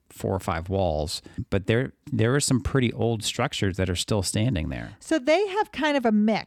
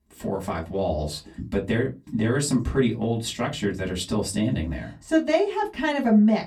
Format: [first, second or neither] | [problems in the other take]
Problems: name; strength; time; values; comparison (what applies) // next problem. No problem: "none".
first | off-mic speech; far // room echo; very slight; dies away in 0.2 s